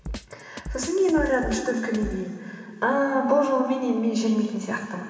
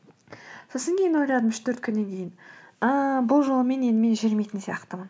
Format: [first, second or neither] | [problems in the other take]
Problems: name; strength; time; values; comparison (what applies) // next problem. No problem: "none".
second | background sound (Drum kit); 15 dB below the speech // room echo; dies away in 2.5 s